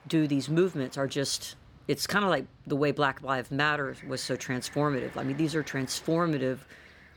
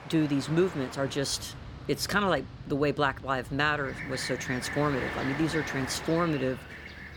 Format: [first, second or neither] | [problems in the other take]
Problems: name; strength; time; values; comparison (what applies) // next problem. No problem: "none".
first | train or aircraft noise; loud; throughout; 9 dB below the speech; faint in the first